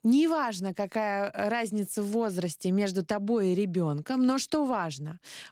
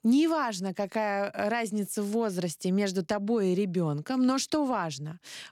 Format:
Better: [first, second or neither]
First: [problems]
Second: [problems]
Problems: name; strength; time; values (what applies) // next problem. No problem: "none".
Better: second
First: garbled, watery; slightly; nothing above 19 kHz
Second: none